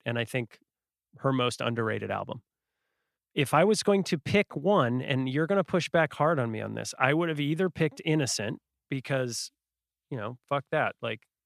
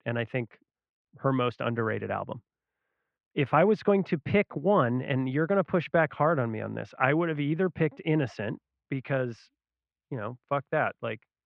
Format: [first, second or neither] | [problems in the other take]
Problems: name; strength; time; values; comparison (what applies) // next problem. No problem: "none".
first | muffled; very; fading above 2.5 kHz